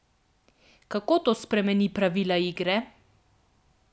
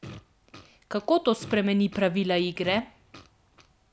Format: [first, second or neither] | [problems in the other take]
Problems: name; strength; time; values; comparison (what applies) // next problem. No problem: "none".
first | background sound (Fart); 20 dB below the speech